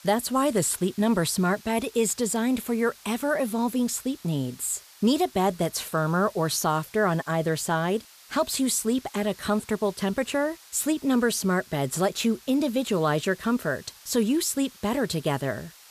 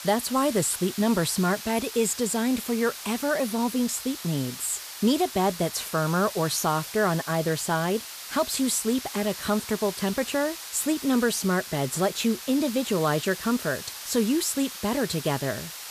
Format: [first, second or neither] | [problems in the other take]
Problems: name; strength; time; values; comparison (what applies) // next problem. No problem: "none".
first | hiss; loud; throughout; 10 dB below the speech; faint in the first